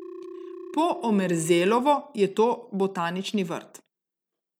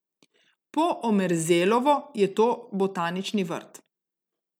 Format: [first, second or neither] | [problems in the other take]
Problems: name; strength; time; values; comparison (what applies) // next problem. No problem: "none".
second | background sound (Telephone); 17 dB below the speech